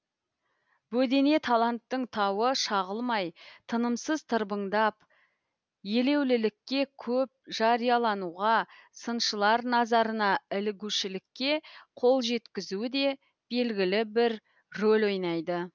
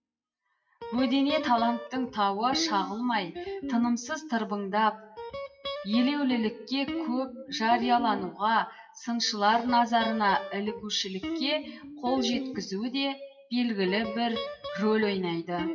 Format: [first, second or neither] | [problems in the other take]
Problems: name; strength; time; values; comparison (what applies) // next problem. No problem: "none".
first | noise reduction (classical method WPE with log-MMSE)